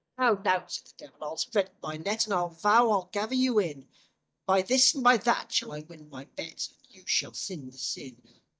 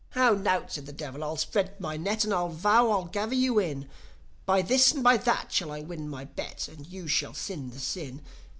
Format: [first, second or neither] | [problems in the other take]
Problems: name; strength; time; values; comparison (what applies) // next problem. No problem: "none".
second | noise reduction (neural mask model DeepFilterNet 3)